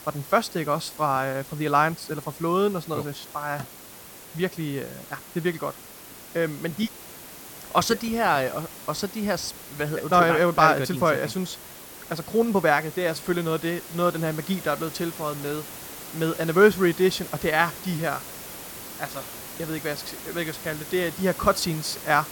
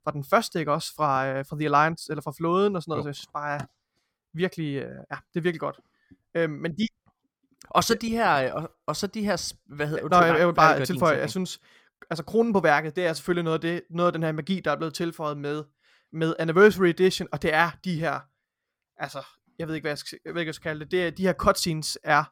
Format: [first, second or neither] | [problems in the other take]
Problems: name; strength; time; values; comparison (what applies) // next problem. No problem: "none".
second | hiss; noticeable; throughout; 15 dB below the speech